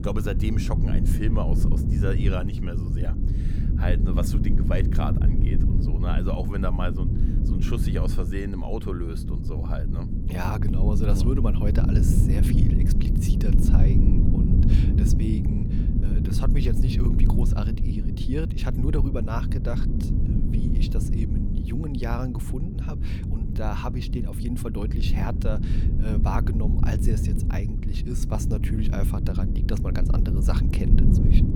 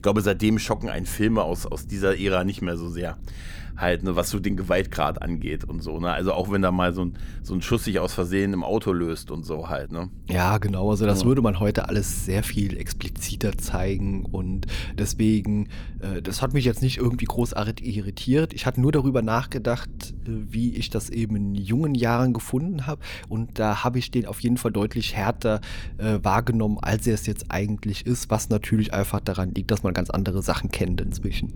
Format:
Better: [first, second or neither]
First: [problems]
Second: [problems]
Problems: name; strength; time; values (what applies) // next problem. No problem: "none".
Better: second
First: low rumble; loud; throughout; 1 dB below the speech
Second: low rumble; faint; throughout; 25 dB below the speech